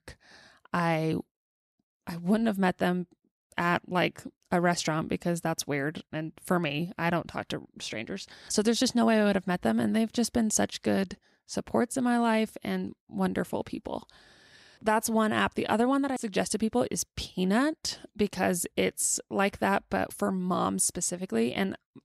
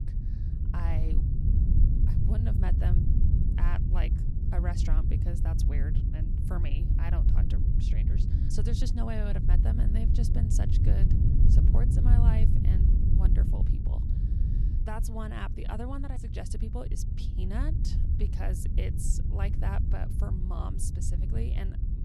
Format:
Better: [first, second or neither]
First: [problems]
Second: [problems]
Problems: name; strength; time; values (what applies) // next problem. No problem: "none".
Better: first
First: none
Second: low rumble; loud; throughout; 1 dB below the speech